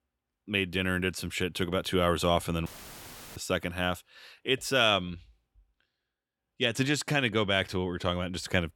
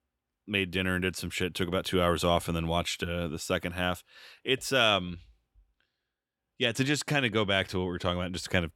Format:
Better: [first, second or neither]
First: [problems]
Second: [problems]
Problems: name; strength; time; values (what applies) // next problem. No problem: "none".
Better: second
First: audio cutting out; filled with static; at 2.5 s for 0.5 s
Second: none